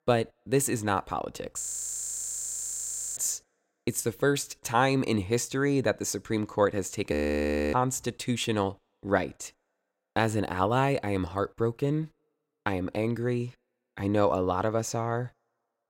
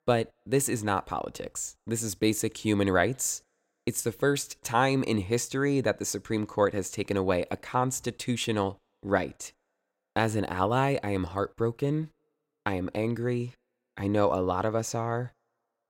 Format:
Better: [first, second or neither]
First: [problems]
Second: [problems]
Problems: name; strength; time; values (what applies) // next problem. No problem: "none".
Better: second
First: audio freezing; at 1.5 s for 1.5 s and at 7 s for 0.5 s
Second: none